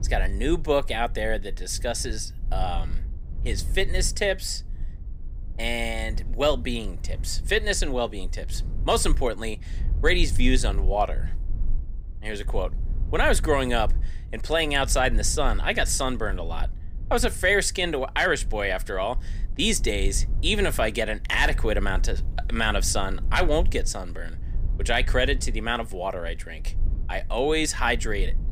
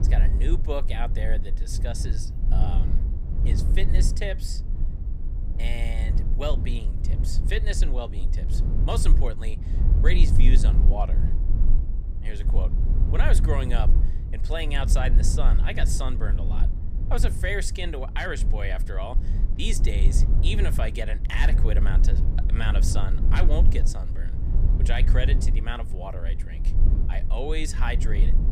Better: first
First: low rumble; faint; throughout; 25 dB below the speech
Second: low rumble; loud; throughout; 9 dB below the speech

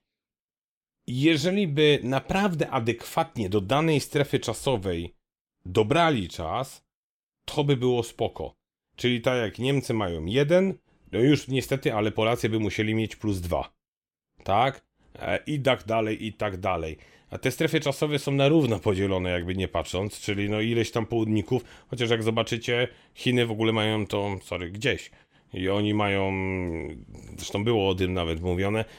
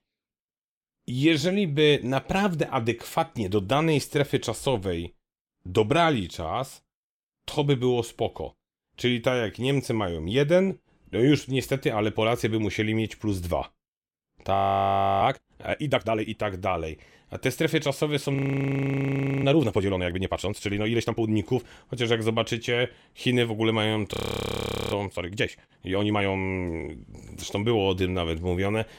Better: first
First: none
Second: audio freezing; at 15 s for 0.5 s, at 18 s for 1 s and at 24 s for 1 s

